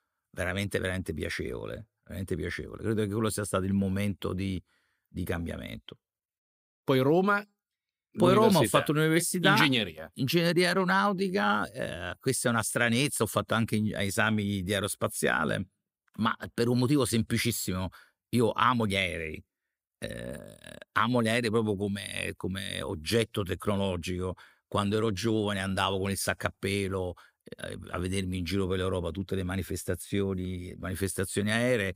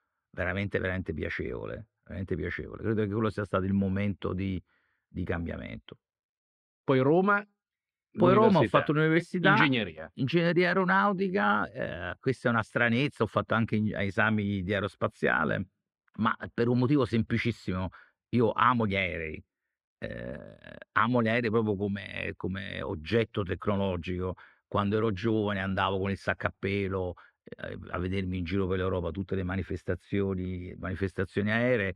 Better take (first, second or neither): first